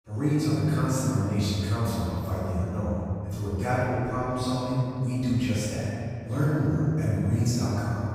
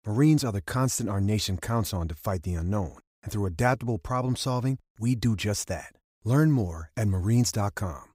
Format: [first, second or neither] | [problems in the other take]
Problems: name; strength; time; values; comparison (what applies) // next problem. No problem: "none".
second | off-mic speech; far // room echo; strong; dies away in 2.5 s